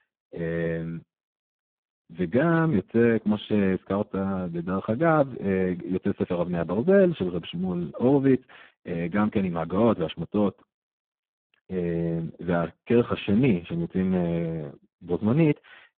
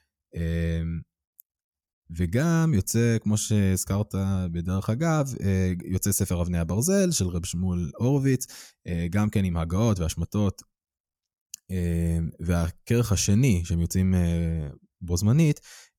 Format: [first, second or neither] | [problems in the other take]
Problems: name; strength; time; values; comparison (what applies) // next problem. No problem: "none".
second | phone-call audio; poor line